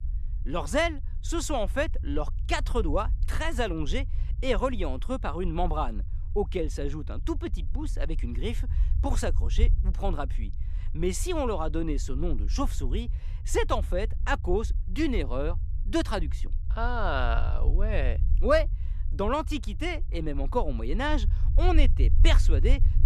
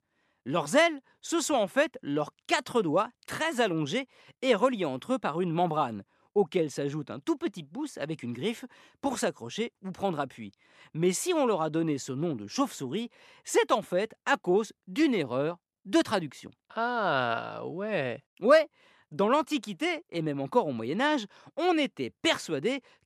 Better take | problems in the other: second | low rumble; faint; throughout; 20 dB below the speech

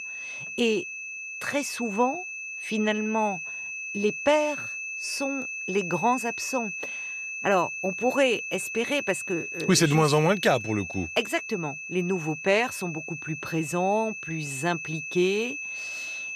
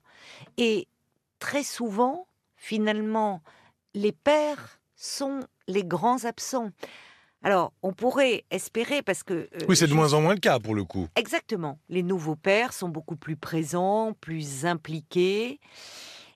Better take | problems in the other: second | high-pitched whine; loud; throughout; 2.5 kHz, 6 dB below the speech

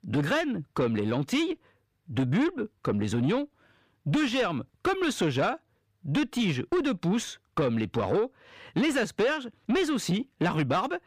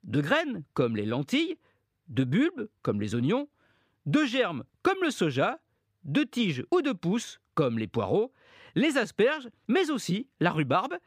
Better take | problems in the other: second | distortion; slight; 10 dB below the speech

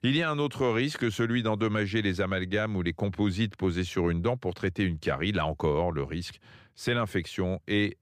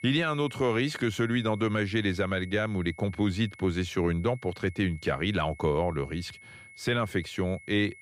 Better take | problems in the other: first | high-pitched whine; noticeable; throughout; 2 kHz, 20 dB below the speech

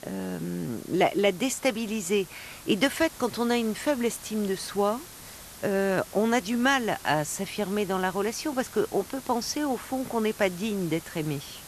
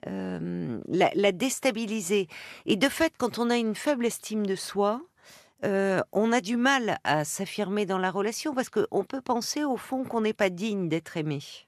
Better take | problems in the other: second | hiss; noticeable; throughout; 15 dB below the speech

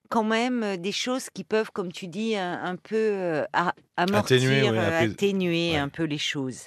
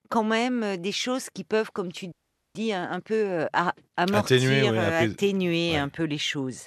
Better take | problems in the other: first | audio freezing; at 2 s

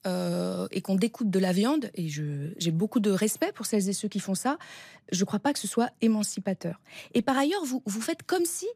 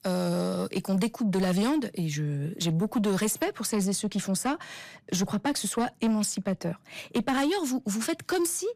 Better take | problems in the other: first | distortion; slight; 10 dB below the speech

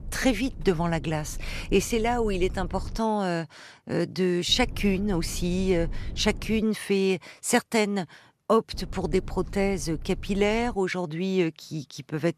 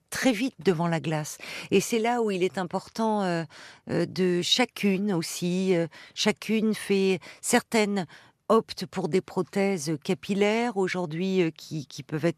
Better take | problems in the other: second | low rumble; faint; until 3 s, from 4.5 to 6.5 s and from 8.5 to 11 s; 25 dB below the speech

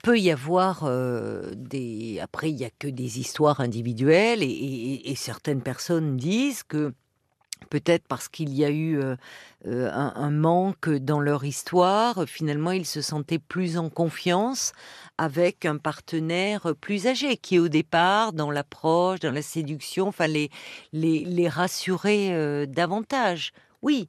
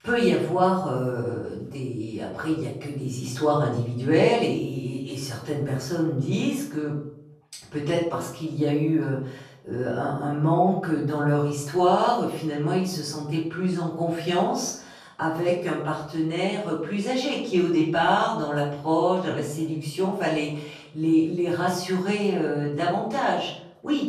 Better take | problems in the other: first | off-mic speech; far // room echo; noticeable; dies away in 0.6 s

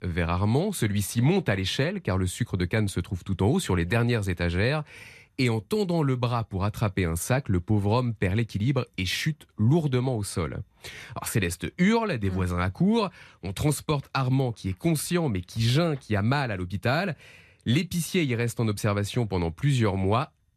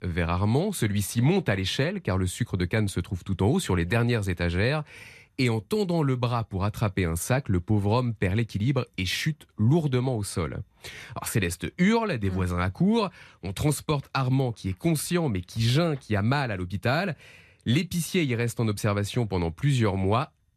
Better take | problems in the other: neither | none

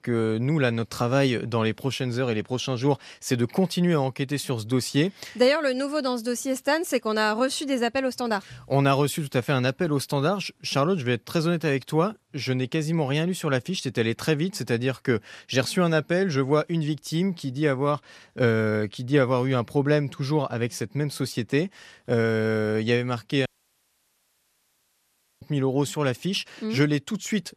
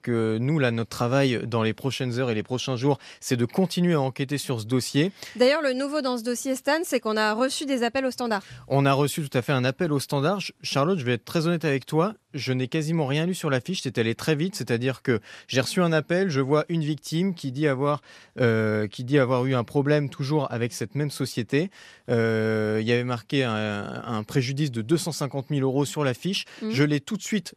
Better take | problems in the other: second | audio cutting out; at 23 s for 2 s

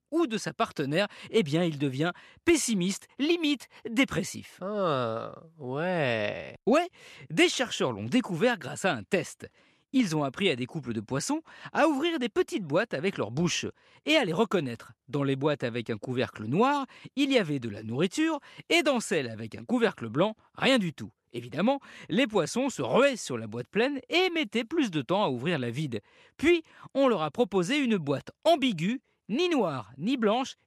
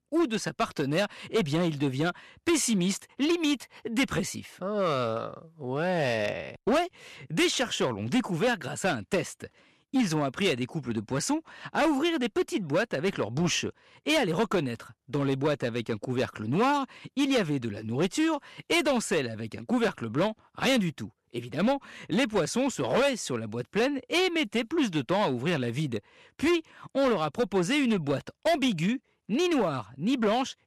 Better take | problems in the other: first | distortion; slight; 7% of the sound clipped

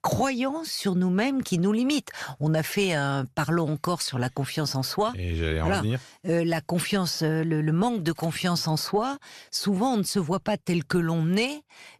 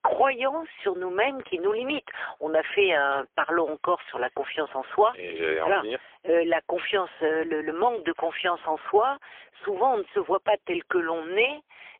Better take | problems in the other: first | phone-call audio; poor line; nothing above 3 kHz

